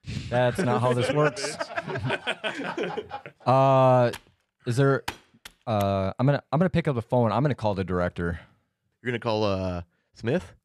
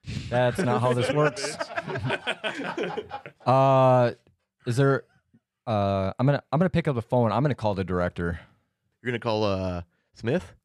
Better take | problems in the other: second | keyboard typing; faint; from 4 to 6 s; peak 10 dB below the speech

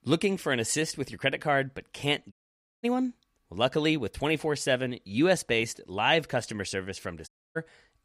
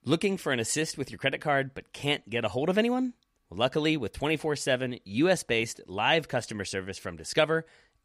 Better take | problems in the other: second | audio cutting out; at 2.5 s for 0.5 s and at 7.5 s

